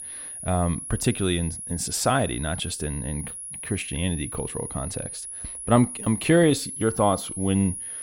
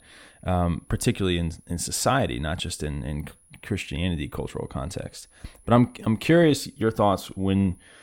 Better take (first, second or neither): second